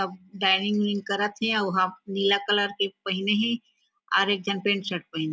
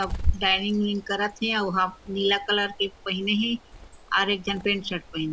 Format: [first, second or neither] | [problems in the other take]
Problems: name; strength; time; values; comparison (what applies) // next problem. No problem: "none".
first | background sound (Bird); 7 dB below the speech